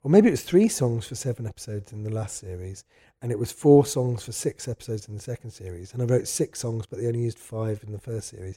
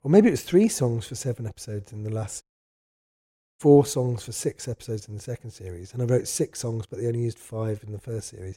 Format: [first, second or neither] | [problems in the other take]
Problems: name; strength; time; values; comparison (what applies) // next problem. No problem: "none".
first | audio cutting out; at 2.5 s for 1 s